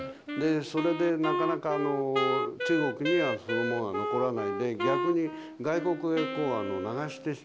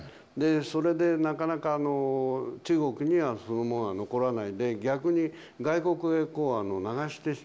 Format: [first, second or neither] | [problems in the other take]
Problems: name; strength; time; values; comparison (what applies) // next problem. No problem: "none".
second | background sound (Wind instrument, woodwind instrument); 3 dB below the speech